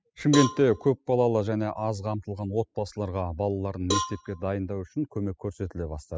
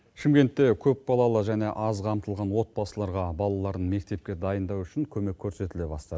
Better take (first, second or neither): second